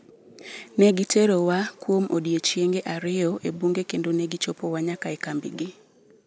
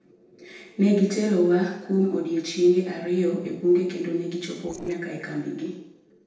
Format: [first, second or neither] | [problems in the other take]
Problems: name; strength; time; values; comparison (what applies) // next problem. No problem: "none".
first | noise reduction (neural separator model SepFormer DNS4)